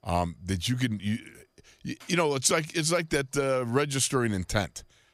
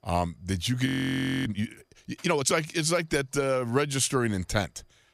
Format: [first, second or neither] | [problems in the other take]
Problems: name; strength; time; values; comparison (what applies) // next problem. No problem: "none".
first | audio freezing; at 1 s for 0.5 s